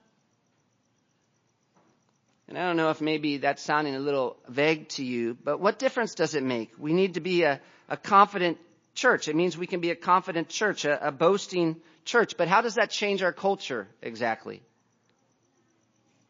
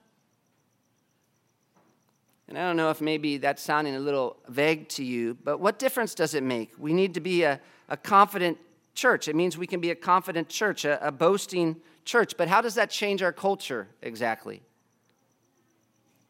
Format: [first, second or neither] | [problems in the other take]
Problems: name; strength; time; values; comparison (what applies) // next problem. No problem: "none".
second | garbled, watery; slightly; nothing above 6.5 kHz